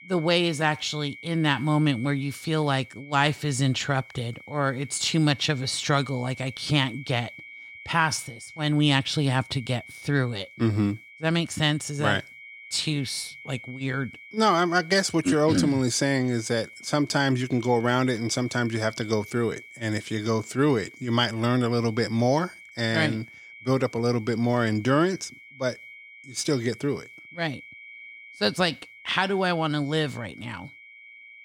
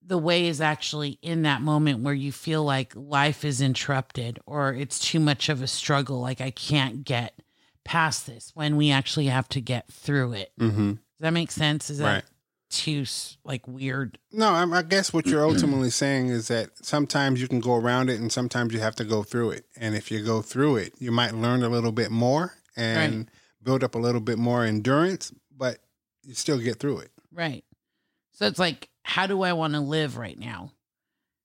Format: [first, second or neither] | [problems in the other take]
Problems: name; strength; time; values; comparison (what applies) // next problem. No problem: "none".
second | high-pitched whine; noticeable; throughout; 2 kHz, 20 dB below the speech